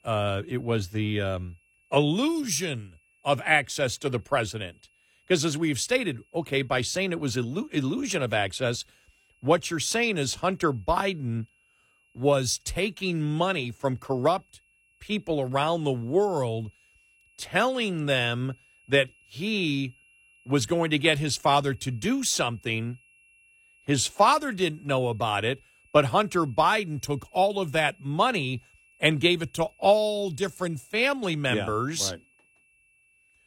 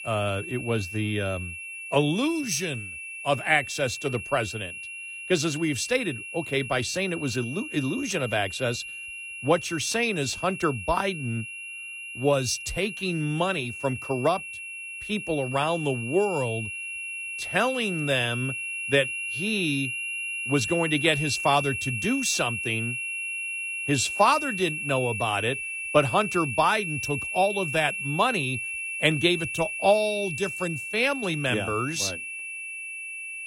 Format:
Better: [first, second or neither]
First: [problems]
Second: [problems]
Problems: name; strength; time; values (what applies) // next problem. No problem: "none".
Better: first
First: high-pitched whine; faint; throughout; 2.5 kHz, 35 dB below the speech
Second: high-pitched whine; loud; throughout; 2.5 kHz, 5 dB below the speech